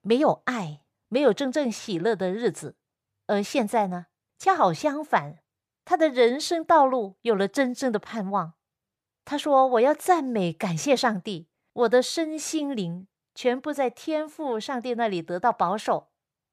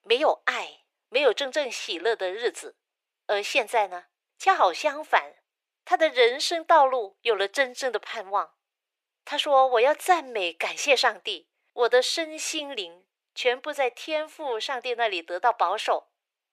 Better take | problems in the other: first | thin; very; fading below 400 Hz

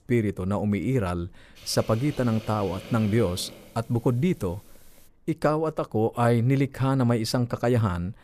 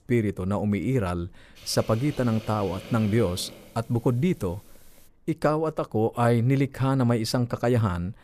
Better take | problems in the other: neither | hiss; noticeable; from 1.5 to 5 s; 20 dB below the speech; the same in both

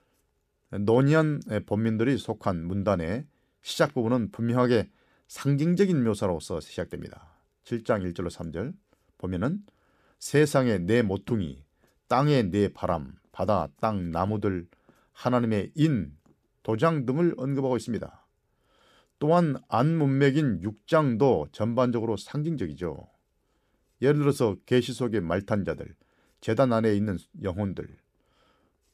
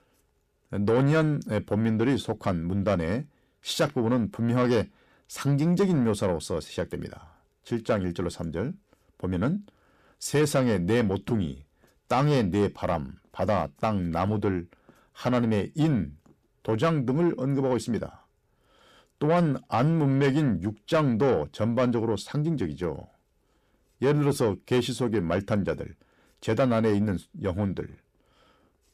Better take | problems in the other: first | distortion; slight; 10 dB below the speech

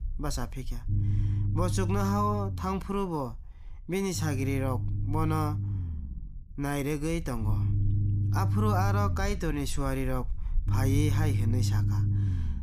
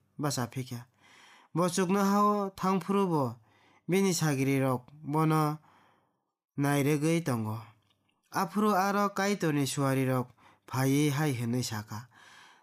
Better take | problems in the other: second | low rumble; loud; throughout; 10 dB below the speech

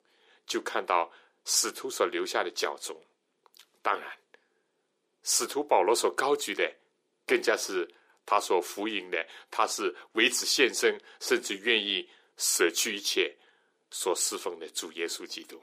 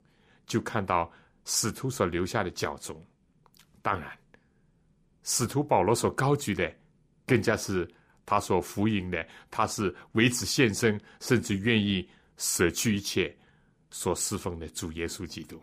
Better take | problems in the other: second | thin; very; fading below 400 Hz

